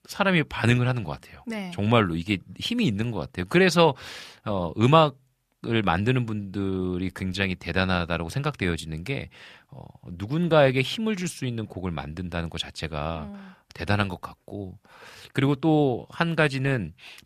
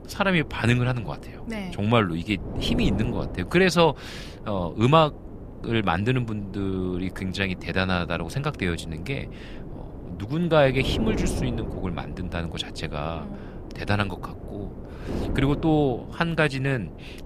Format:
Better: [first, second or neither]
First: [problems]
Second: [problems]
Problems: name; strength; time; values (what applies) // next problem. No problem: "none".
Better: first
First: none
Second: wind noise on the microphone; occasional gusts; 15 dB below the speech